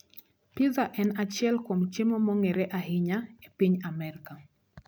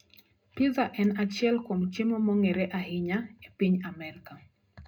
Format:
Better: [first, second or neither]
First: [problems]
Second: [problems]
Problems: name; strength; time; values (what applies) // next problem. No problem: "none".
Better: first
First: none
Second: room echo; dies away in 0.2 s